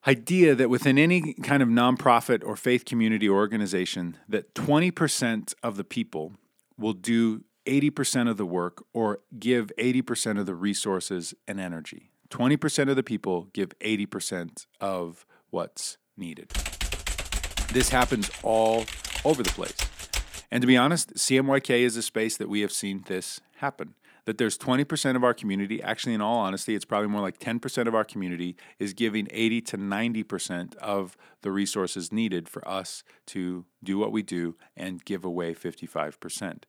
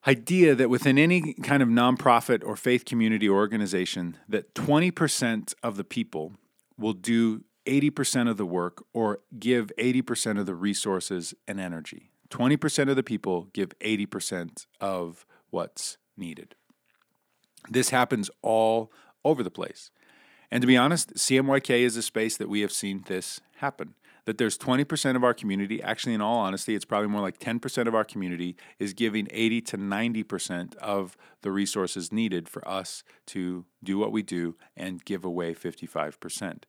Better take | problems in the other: second | keyboard typing; noticeable; from 17 to 20 s; peak 3 dB below the speech

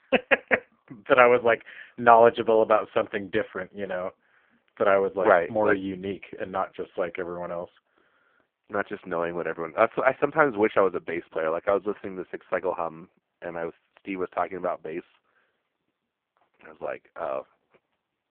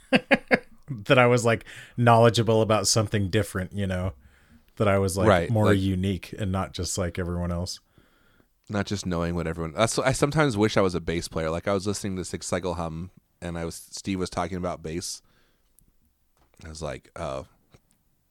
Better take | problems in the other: second | phone-call audio; poor line

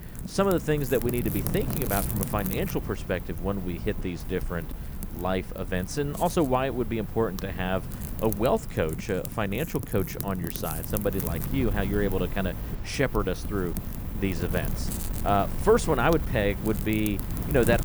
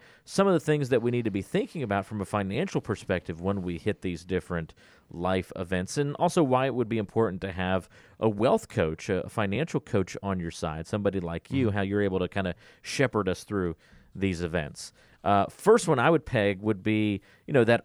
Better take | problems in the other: second | wind noise on the microphone; occasional gusts; 10 dB below the speech

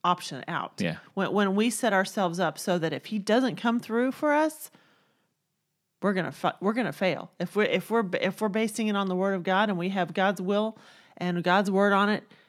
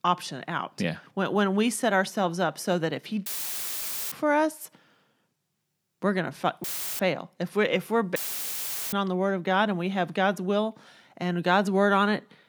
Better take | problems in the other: first | audio cutting out; filled with static; at 3.5 s for 1 s, at 6.5 s and at 8 s for 1 s

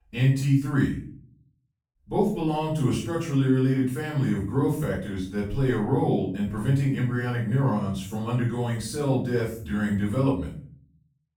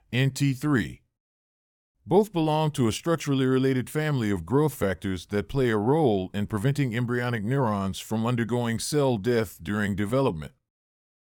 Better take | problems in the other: second | off-mic speech; far // room echo; noticeable; dies away in 0.5 s

